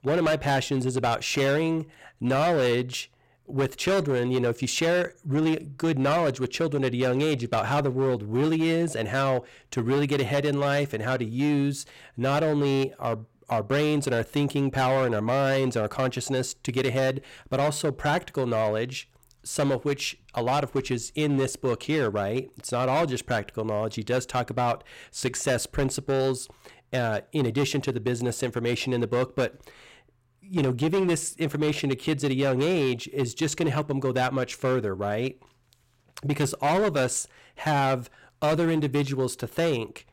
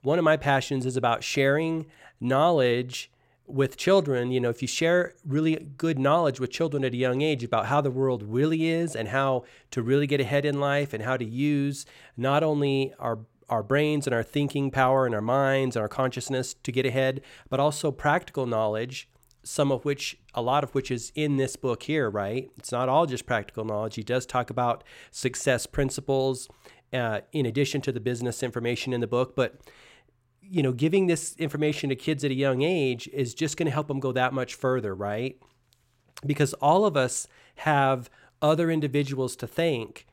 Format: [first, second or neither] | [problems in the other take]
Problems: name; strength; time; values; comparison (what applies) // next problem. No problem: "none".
second | distortion; slight; 11% of the sound clipped